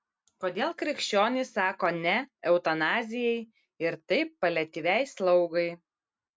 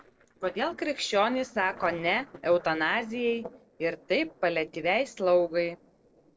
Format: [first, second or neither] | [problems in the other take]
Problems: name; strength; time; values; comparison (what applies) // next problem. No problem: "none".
first | noise reduction (neural separator model SepFormer DNS4)